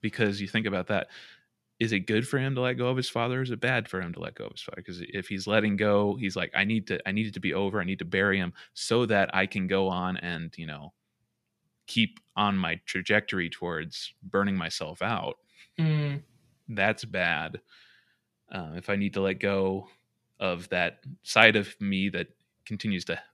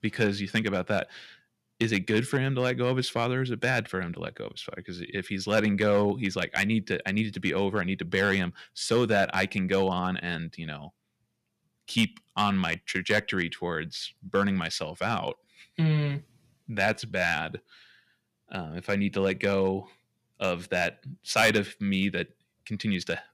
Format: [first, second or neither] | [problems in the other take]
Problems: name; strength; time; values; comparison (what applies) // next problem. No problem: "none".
first | distortion; slight; 1.1% of the sound clipped